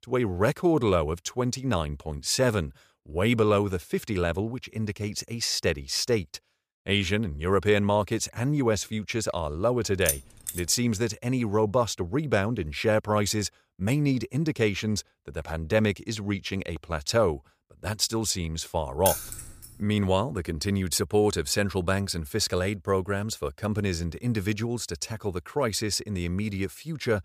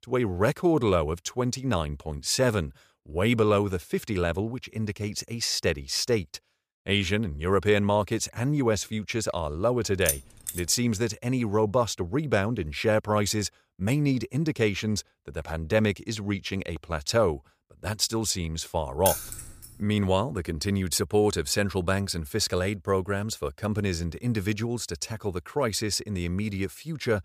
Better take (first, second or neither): neither